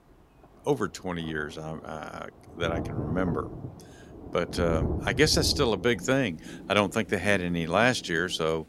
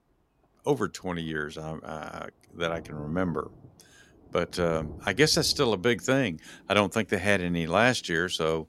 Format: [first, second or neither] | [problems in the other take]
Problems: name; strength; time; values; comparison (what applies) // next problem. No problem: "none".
second | rain or running water; loud; throughout; 10 dB below the speech; faint in the second